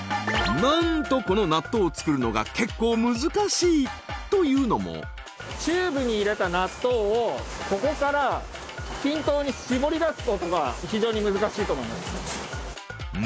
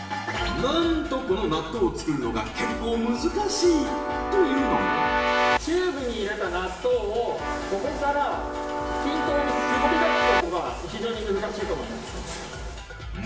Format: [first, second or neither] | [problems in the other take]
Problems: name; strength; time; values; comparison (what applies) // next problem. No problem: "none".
first | background sound (Keyboard (musical)); as loud as the speech // room echo; dies away in 0.9 s